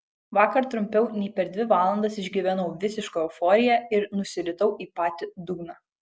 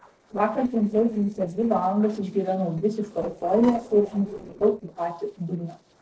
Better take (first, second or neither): first